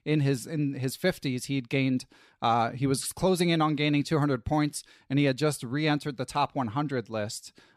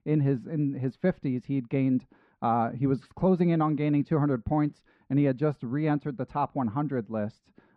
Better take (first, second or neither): first